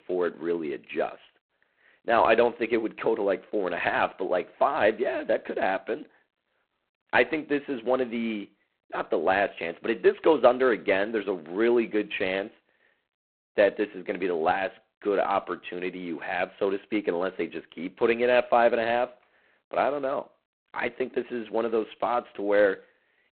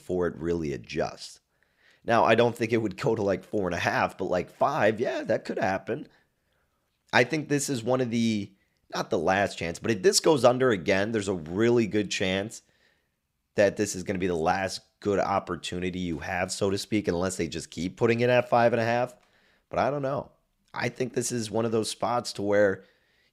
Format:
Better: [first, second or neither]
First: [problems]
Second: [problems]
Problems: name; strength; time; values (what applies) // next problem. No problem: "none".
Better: second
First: phone-call audio; poor line; nothing above 4 kHz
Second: none